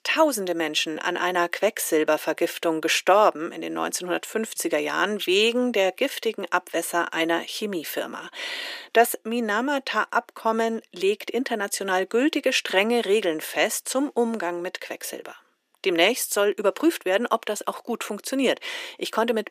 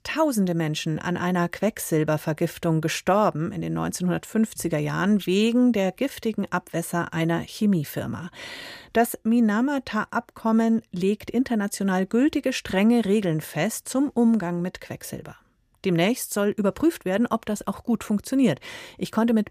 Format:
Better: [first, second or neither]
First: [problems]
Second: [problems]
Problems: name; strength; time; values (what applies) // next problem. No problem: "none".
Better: second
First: thin; somewhat; fading below 350 Hz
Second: none